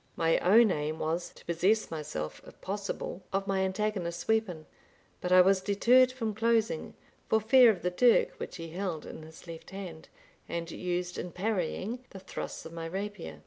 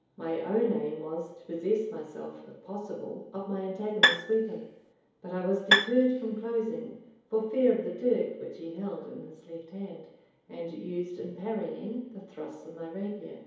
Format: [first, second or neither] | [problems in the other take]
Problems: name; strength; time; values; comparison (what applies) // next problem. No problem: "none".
first | background sound (Bowed string instrument); 5 dB above the speech // room echo; dies away in 2.2 s